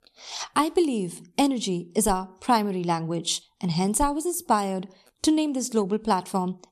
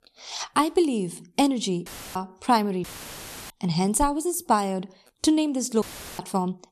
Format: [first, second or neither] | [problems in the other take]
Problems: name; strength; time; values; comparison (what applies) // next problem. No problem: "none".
first | audio cutting out; filled with static; at 2 s, at 3 s for 0.5 s and at 6 s